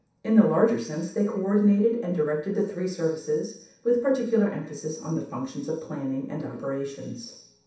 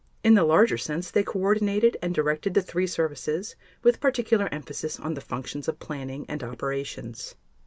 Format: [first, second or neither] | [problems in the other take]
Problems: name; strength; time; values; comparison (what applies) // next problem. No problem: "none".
second | room echo; dies away in 0.7 s